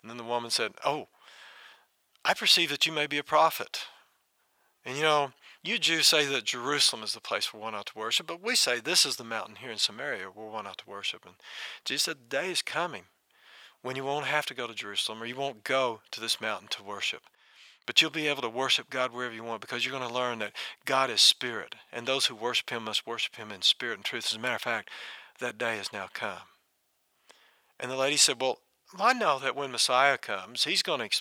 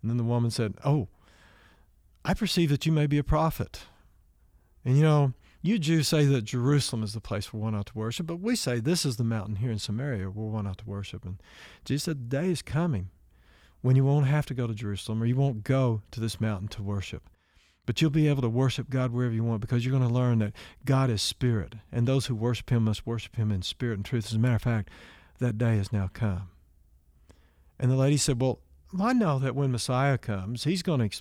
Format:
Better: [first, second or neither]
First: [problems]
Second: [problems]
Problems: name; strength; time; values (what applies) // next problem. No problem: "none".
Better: second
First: thin; very; fading below 750 Hz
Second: none